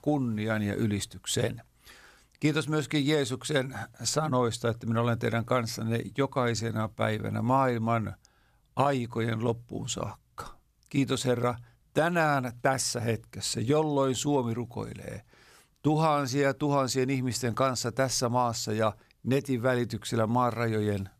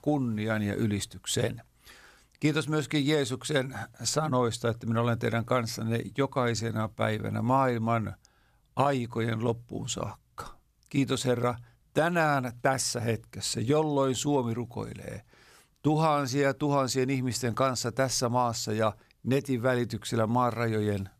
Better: neither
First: none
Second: none

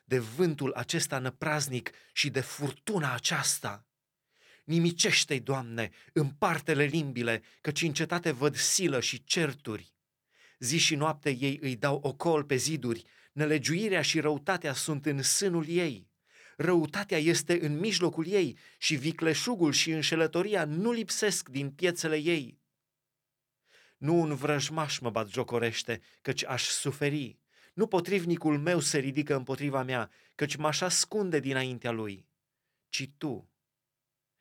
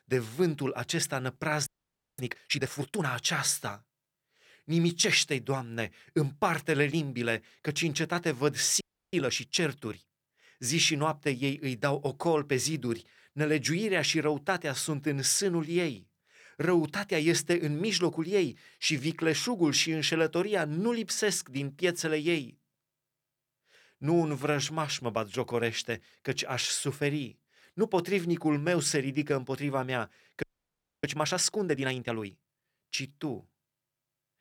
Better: first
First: none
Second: audio freezing; at 1.5 s for 0.5 s, at 9 s and at 30 s for 0.5 s

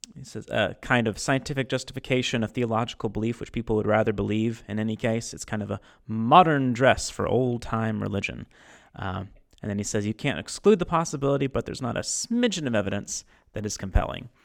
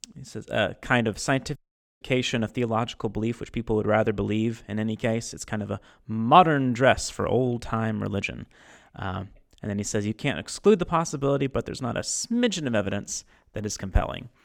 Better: first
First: none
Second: audio cutting out; at 1.5 s

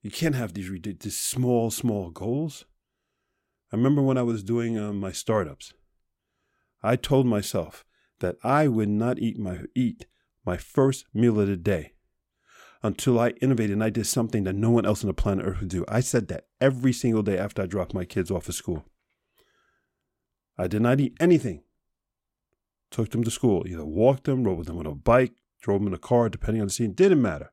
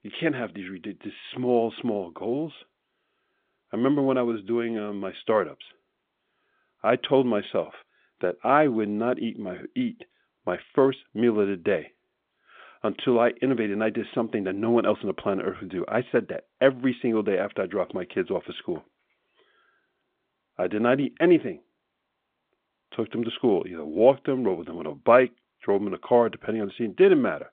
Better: first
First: none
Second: phone-call audio

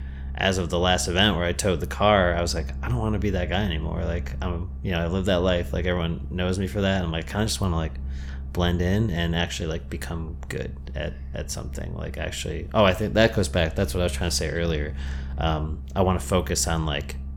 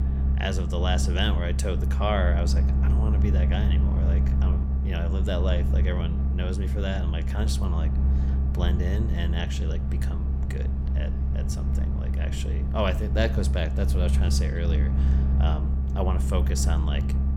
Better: first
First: low rumble; faint; throughout; 25 dB below the speech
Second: low rumble; loud; throughout; 6 dB below the speech

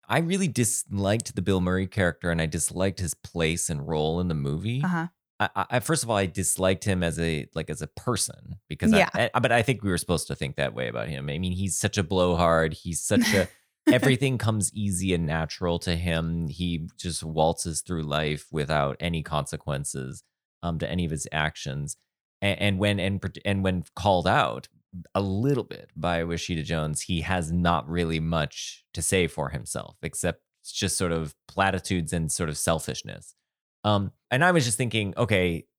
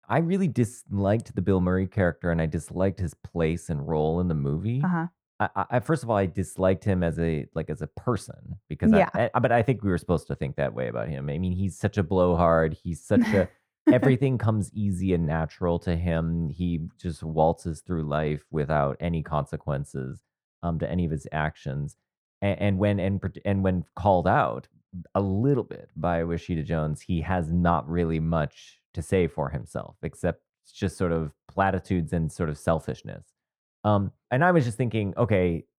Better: first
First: none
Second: muffled; very; fading above 2.5 kHz

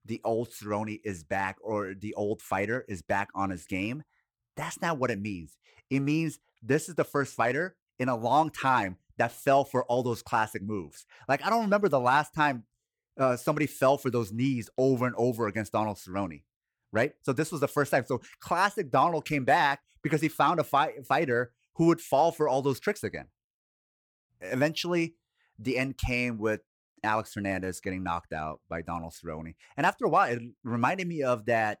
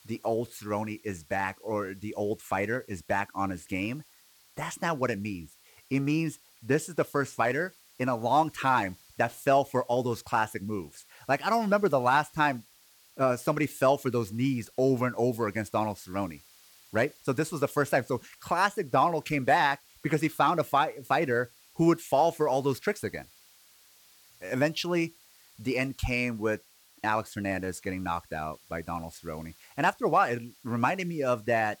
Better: first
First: none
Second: hiss; faint; throughout; 25 dB below the speech

